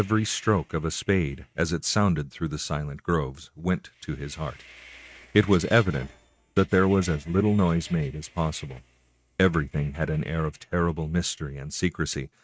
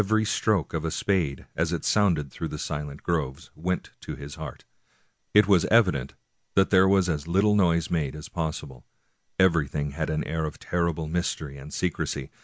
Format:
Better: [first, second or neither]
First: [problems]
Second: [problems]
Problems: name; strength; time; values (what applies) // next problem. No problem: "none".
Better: second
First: noise reduction (neural mask model RNNoise)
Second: none